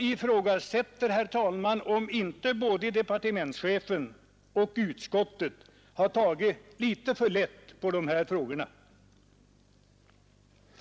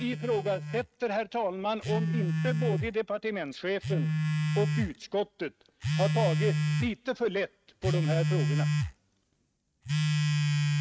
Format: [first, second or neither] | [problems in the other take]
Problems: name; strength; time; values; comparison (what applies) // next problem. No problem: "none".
first | noise reduction (neural mask model RNNoise)